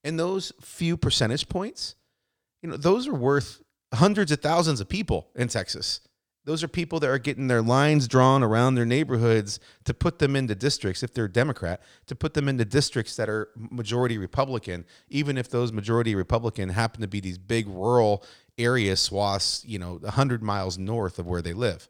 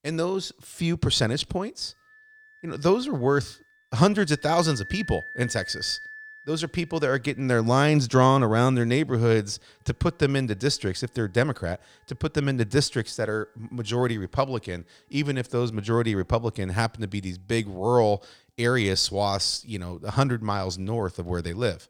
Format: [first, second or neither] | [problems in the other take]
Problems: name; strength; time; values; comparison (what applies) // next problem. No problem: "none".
first | background music; noticeable; throughout; 15 dB below the speech